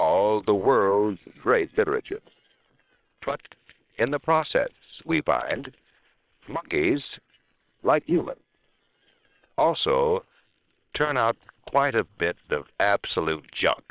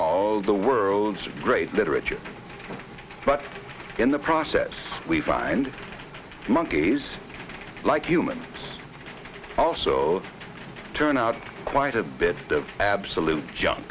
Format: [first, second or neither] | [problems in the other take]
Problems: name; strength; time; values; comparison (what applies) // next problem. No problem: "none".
second | noise reduction (neural separator model SepFormer WHAM!)